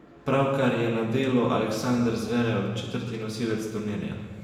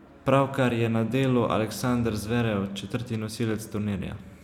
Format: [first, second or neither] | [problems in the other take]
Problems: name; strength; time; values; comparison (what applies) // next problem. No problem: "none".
second | room echo; dies away in 1.2 s